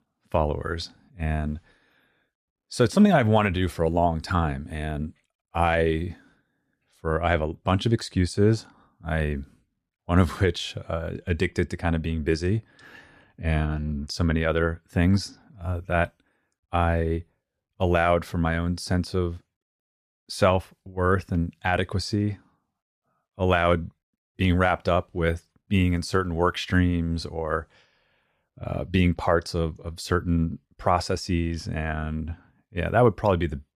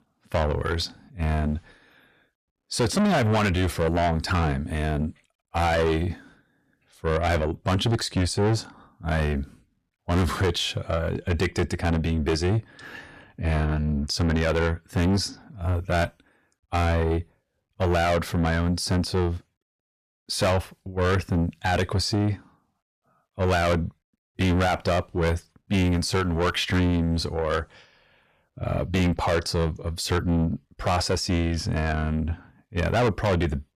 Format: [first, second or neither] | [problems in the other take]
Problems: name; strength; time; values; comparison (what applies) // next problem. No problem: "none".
first | distortion; heavy; 6 dB below the speech